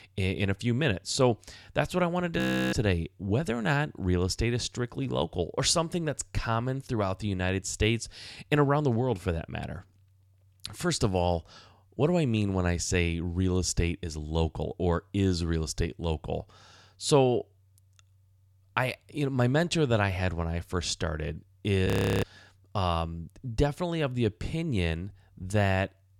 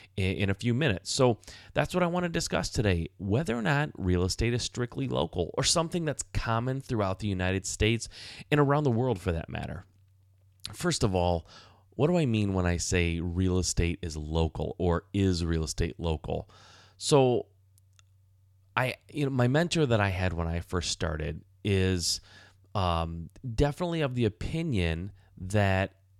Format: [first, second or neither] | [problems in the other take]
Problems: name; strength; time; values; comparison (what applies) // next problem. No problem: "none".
second | audio freezing; at 2.5 s and at 22 s